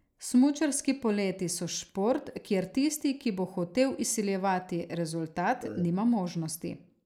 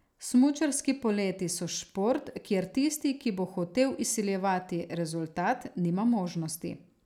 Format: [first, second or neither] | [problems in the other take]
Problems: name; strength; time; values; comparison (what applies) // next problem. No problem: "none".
second | noise reduction (neural mask model Resemble Enhance denoiser)